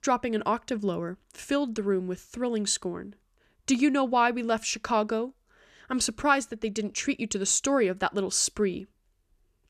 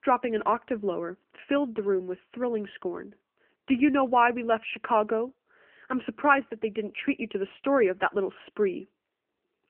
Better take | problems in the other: first | phone-call audio; nothing above 3 kHz

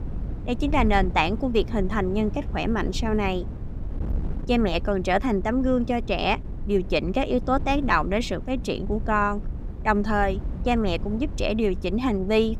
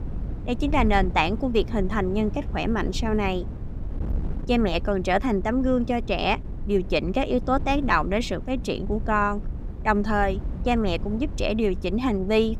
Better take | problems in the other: neither | wind noise on the microphone; occasional gusts; 20 dB below the speech; the same in both

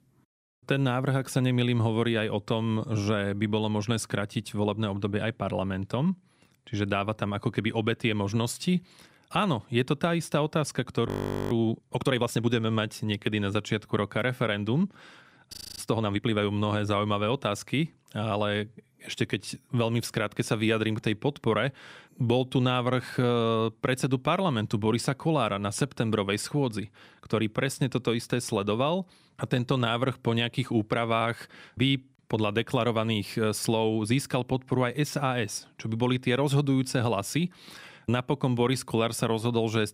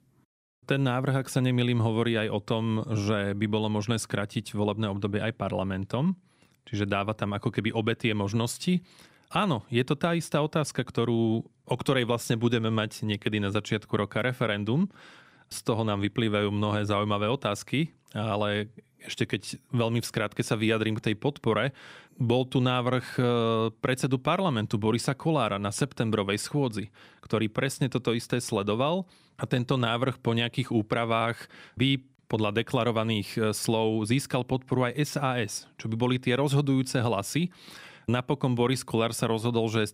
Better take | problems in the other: second | audio freezing; at 11 s and at 16 s

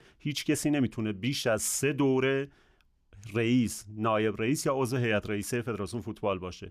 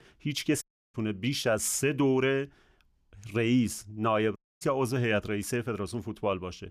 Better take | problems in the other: first | audio cutting out; at 0.5 s and at 4.5 s

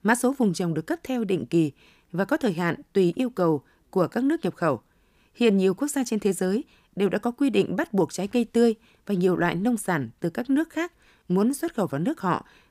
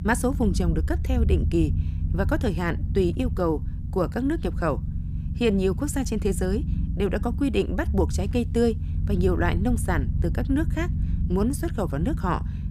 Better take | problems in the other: first | low rumble; noticeable; throughout; 15 dB below the speech

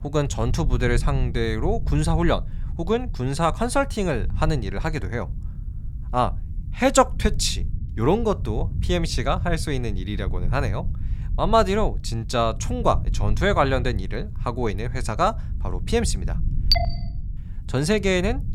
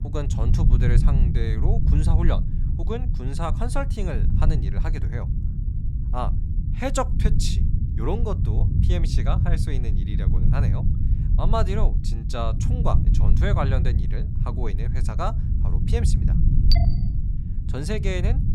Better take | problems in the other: first | low rumble; loud; throughout; 6 dB below the speech; faint in the first

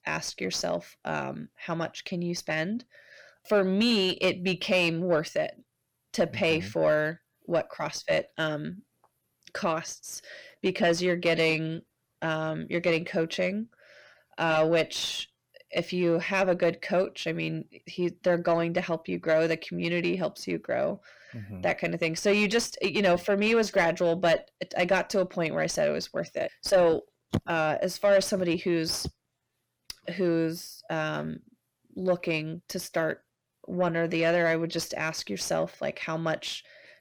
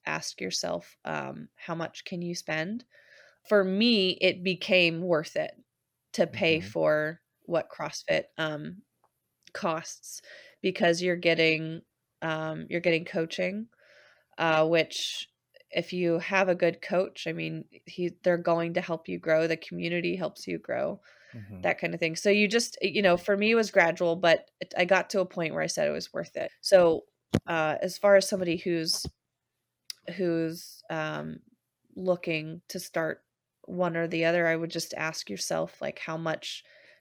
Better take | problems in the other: second | distortion; slight; 10 dB below the speech

